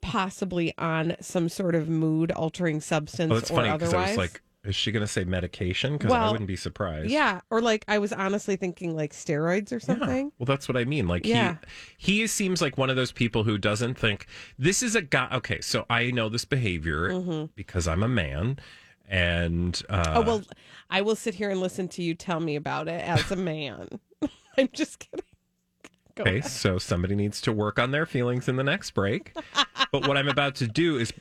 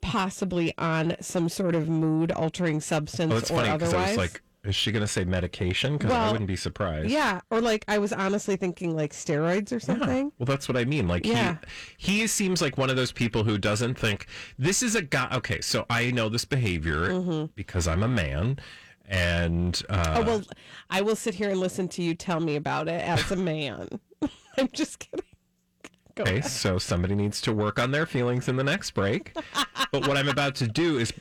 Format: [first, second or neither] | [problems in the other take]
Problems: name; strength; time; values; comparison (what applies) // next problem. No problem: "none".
first | distortion; slight; 10 dB below the speech